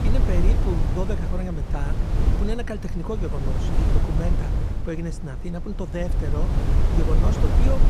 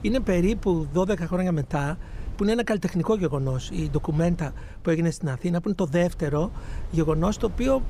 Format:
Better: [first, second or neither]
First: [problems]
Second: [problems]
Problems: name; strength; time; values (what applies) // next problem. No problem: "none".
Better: second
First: wind noise on the microphone; heavy; 1 dB below the speech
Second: wind noise on the microphone; occasional gusts; 25 dB below the speech